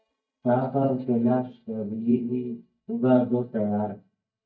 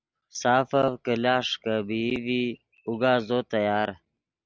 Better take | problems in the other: second | noise reduction (neural mask model DeepFilterNet 3)

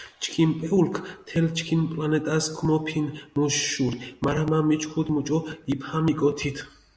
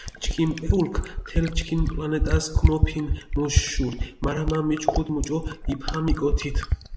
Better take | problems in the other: first | background sound (Fill (with liquid)); 2 dB above the speech

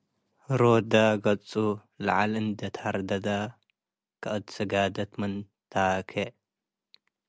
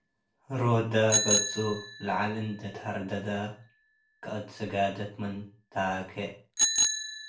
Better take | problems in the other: first | background sound (Bicycle bell); 2 dB below the speech // room echo; dies away in 0.3 s

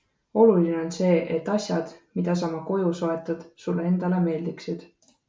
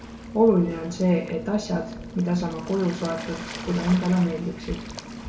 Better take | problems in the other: first | background sound (Waves, surf); 12 dB below the speech // room echo; dies away in 1.4 s

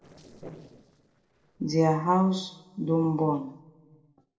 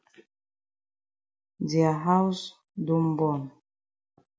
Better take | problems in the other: second | noise reduction (neural separator model SepFormer DNS4)

